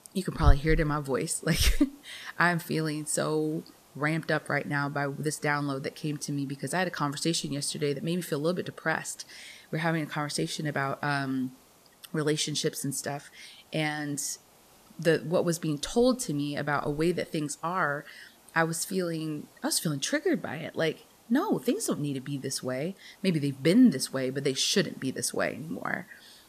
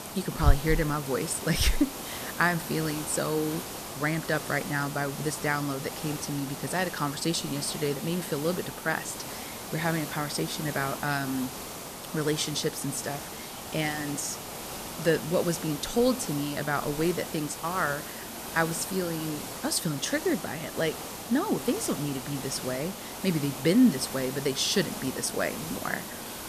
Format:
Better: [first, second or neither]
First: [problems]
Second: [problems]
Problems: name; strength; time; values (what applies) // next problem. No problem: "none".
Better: first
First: hiss; faint; throughout; 30 dB below the speech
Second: hiss; loud; throughout; 8 dB below the speech